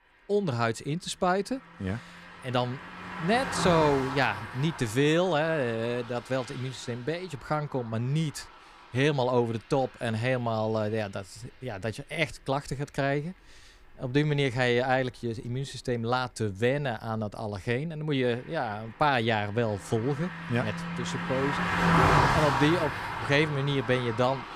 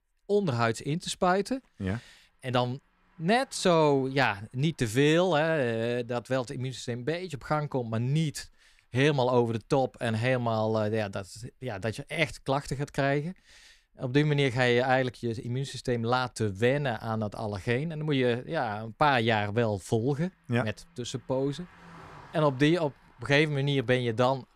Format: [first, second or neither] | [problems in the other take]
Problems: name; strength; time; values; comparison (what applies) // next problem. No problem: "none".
second | traffic noise; loud; throughout; 2 dB below the speech; faint in the second